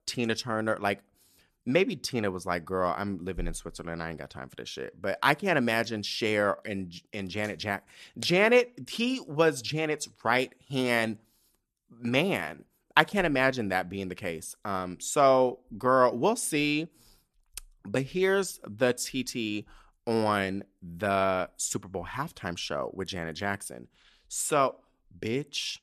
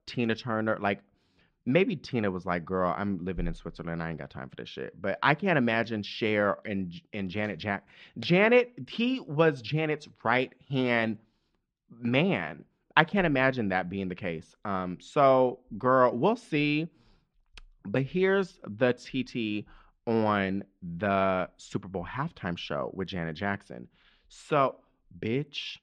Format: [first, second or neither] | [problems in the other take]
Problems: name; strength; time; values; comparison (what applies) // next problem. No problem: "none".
first | muffled; slightly; fading above 3.5 kHz